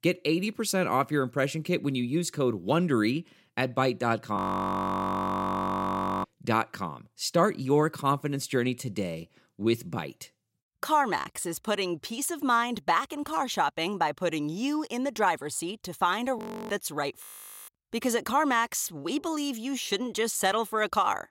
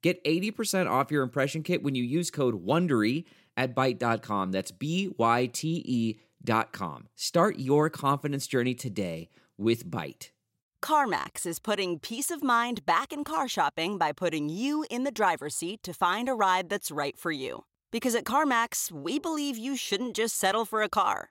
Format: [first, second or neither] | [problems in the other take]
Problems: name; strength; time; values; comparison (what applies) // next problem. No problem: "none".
second | audio freezing; at 4.5 s for 2 s, at 16 s and at 17 s